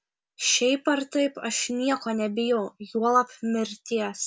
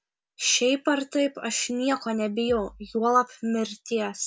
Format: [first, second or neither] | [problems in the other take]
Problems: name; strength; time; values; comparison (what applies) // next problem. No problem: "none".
first | background sound (Bass drum); 19 dB below the speech